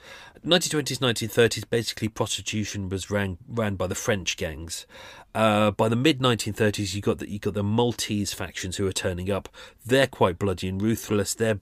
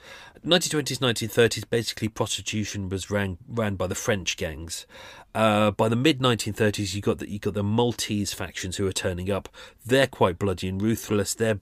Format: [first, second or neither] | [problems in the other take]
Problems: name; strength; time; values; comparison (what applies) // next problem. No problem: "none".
neither | none